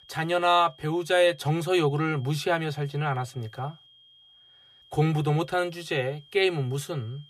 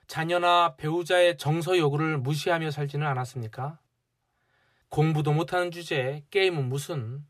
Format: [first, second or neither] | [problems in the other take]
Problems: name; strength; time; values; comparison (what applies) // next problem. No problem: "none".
second | high-pitched whine; faint; throughout; 3 kHz, 25 dB below the speech